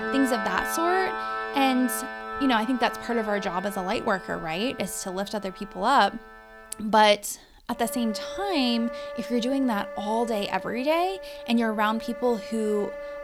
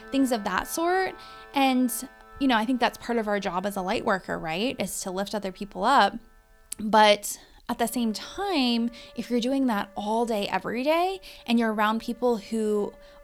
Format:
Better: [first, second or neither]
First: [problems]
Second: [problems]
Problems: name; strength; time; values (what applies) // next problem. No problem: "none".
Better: second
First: background music; loud; throughout; 8 dB below the speech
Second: background music; faint; throughout; 25 dB below the speech